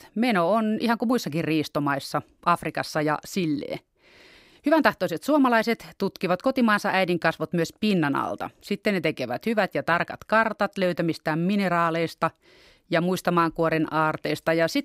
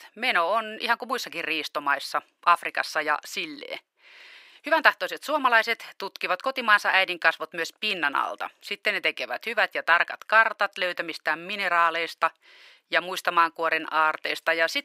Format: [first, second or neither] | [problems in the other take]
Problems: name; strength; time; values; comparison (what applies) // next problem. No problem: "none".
first | thin; very; fading below 600 Hz